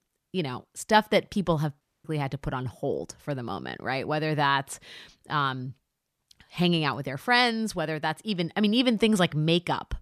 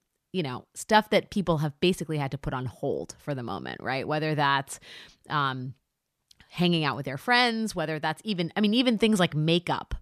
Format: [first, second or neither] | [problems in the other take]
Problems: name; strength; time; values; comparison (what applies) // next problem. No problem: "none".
second | audio cutting out; at 2 s